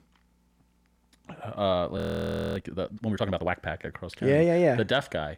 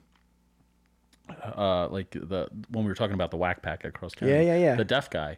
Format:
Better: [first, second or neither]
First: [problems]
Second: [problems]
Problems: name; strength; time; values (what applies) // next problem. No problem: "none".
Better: second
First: audio freezing; at 2 s for 0.5 s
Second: none